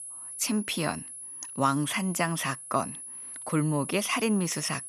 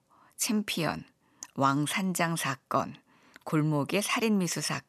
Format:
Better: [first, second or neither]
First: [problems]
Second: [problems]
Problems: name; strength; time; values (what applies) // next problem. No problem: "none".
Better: second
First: high-pitched whine; loud; throughout; 10.5 kHz, 10 dB below the speech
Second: none